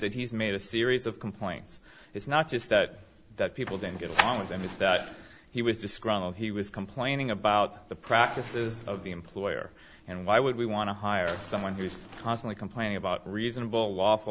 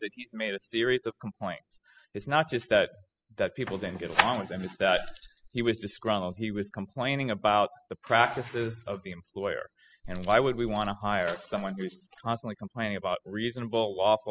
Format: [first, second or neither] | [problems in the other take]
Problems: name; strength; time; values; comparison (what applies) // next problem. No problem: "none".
first | noise reduction (classical method spectral subtraction)